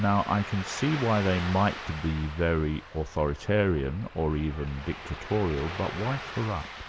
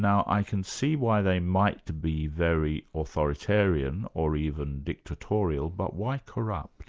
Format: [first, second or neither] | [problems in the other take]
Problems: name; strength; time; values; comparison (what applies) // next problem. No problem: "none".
second | background sound (Ocean); 12 dB below the speech